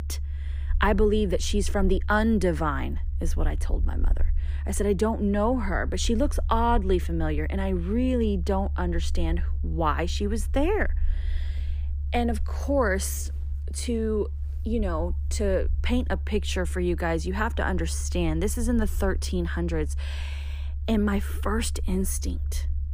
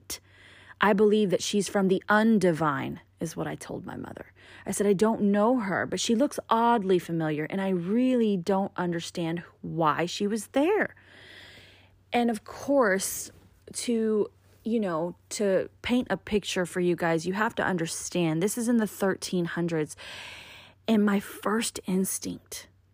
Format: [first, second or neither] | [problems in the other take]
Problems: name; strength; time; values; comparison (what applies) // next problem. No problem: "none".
second | low rumble; faint; throughout; 20 dB below the speech